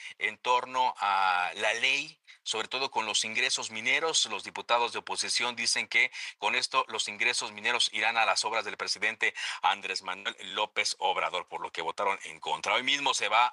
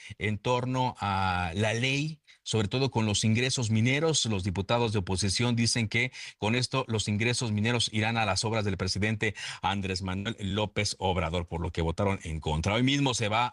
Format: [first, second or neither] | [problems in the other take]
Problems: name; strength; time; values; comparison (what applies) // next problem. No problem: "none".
second | thin; very; fading below 700 Hz